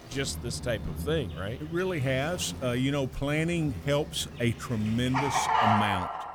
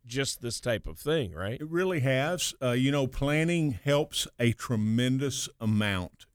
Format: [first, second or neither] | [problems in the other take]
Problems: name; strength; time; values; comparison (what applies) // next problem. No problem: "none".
second | animal sounds; loud; throughout; 3 dB below the speech